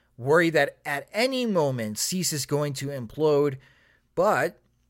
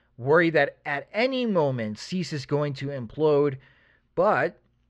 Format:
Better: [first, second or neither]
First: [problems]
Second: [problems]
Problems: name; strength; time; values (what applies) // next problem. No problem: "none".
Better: first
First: none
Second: muffled; slightly; fading above 3.5 kHz